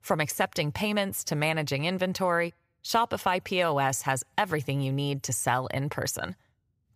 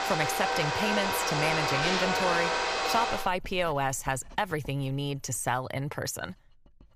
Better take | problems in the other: first | household noises; very loud; throughout; 2 dB above the speech

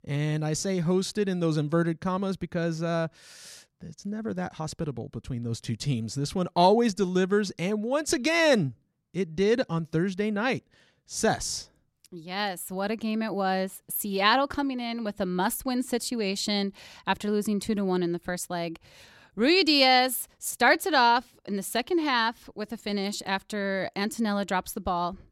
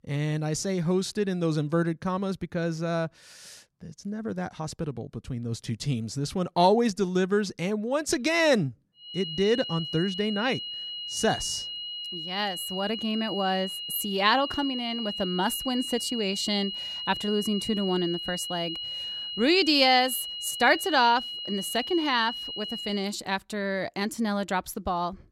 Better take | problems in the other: first | high-pitched whine; loud; from 9 to 23 s; 3 kHz, 6 dB below the speech

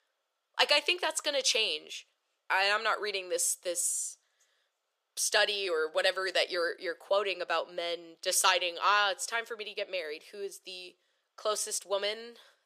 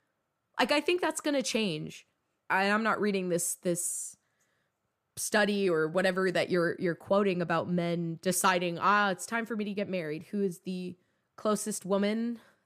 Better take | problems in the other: second | thin; very; fading below 500 Hz

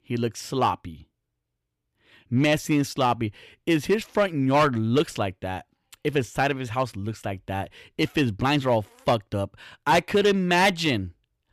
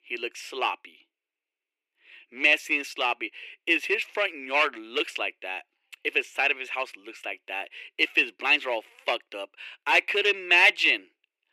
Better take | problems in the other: first | thin; very; fading below 350 Hz

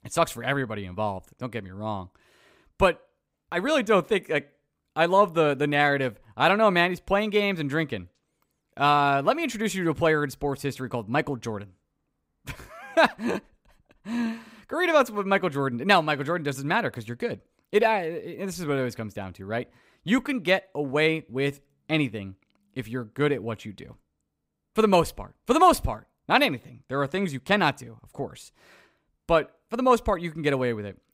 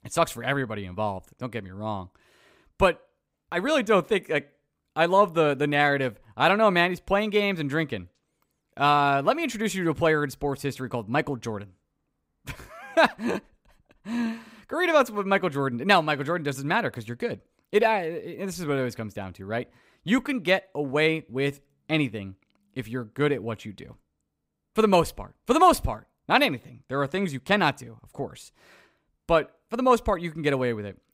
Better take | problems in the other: neither | none

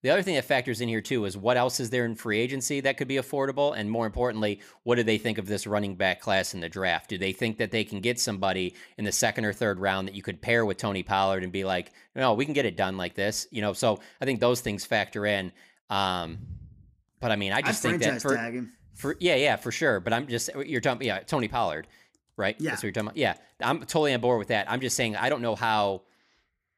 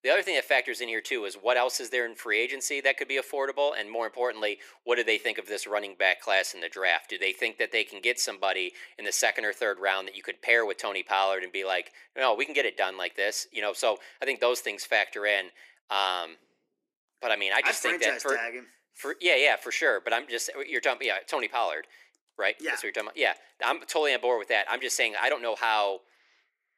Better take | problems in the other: first | thin; very; fading below 350 Hz

